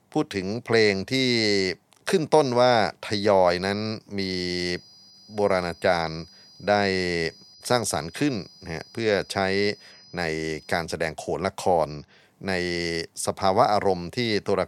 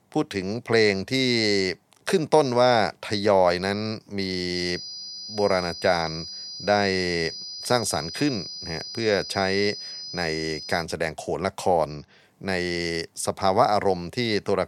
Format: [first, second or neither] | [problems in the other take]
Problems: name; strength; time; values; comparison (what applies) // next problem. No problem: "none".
first | high-pitched whine; loud; from 4.5 to 11 s; 5 kHz, 10 dB below the speech; faint in the first